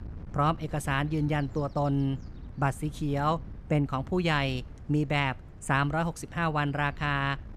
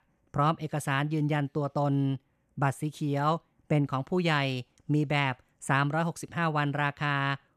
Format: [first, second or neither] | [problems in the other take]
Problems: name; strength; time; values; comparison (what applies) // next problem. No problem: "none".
second | wind noise on the microphone; occasional gusts; 25 dB below the speech